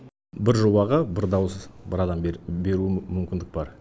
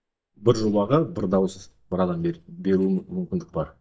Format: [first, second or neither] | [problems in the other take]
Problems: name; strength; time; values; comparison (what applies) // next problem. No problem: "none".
first | noise reduction (neural mask model DeepFilterNet 3)